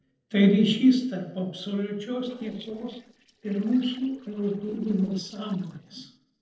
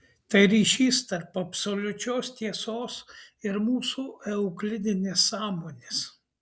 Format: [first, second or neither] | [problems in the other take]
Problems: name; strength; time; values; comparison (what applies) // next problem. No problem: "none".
second | noise reduction (neural separator model SepFormer DNS4)